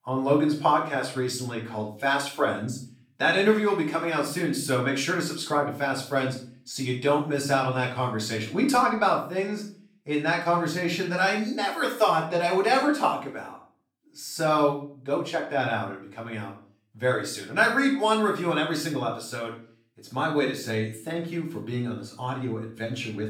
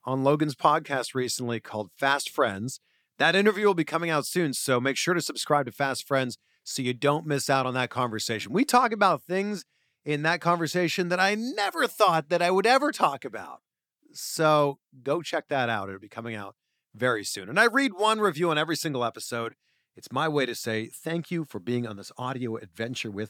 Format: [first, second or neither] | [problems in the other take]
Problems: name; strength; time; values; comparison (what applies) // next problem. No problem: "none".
second | off-mic speech; far // room echo; noticeable; dies away in 0.4 s